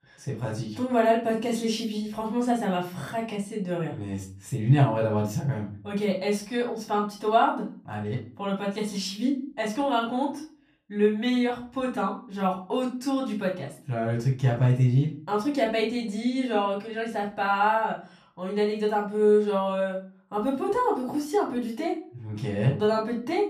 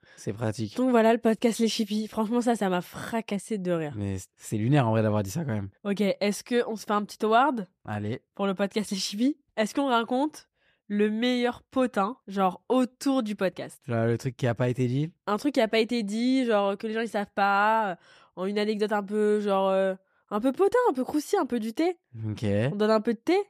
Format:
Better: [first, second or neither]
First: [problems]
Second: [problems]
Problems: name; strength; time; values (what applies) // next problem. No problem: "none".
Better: second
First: off-mic speech; far // room echo; slight; dies away in 0.3 s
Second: none